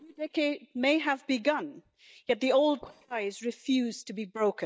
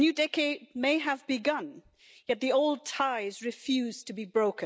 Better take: second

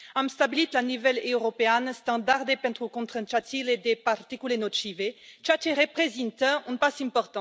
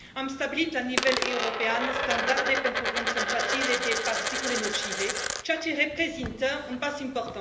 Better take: first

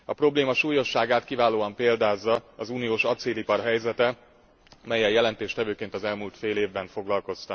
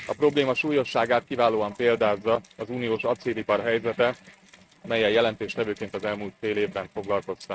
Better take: first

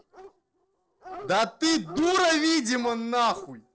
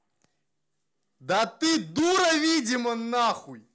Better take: second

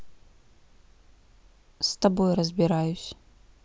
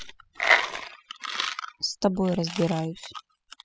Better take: first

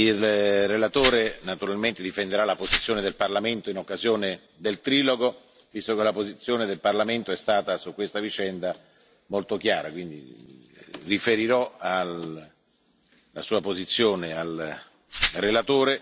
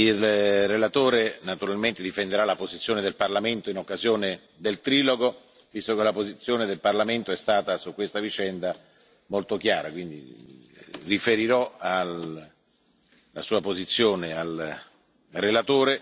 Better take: second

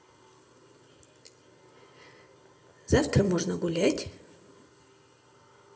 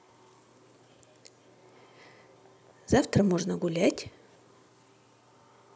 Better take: second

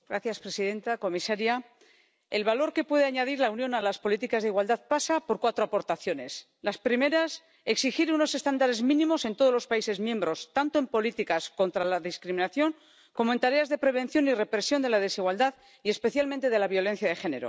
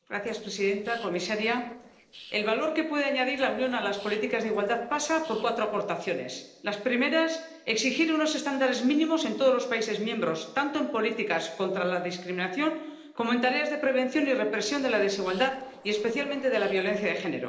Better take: first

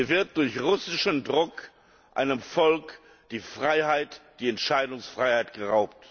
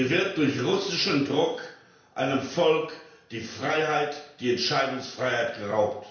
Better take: first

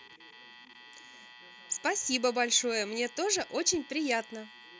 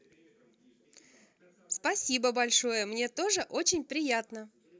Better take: second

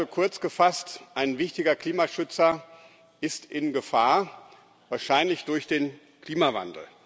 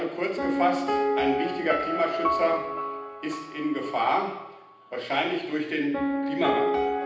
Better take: first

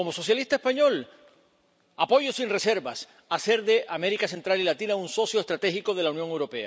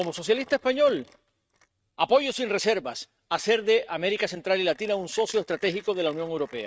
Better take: first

